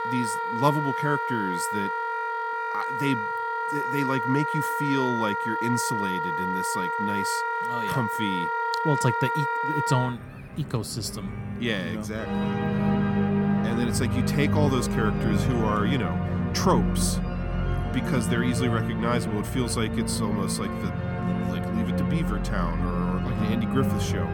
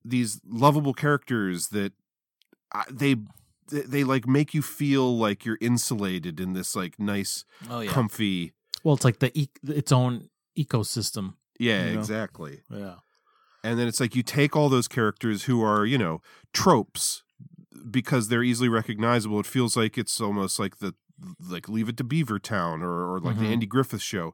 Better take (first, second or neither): second